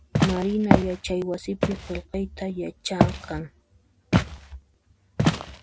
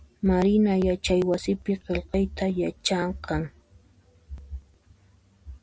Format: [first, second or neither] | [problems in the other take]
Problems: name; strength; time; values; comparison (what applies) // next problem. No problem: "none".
second | background sound (Walk, footsteps); 4 dB above the speech